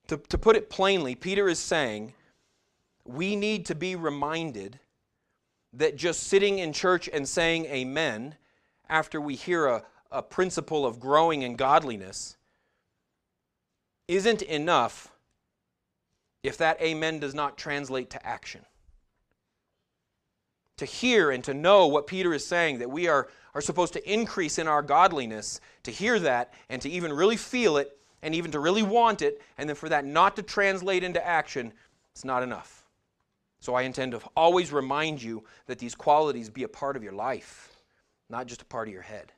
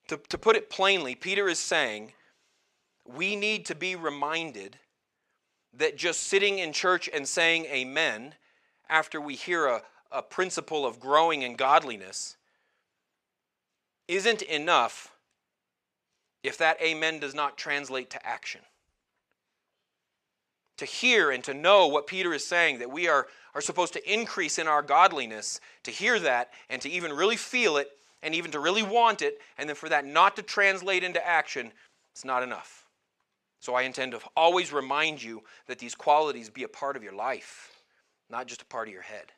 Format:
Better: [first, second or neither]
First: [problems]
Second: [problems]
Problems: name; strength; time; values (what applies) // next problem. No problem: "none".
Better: first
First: none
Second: thin; very slightly; fading below 1 kHz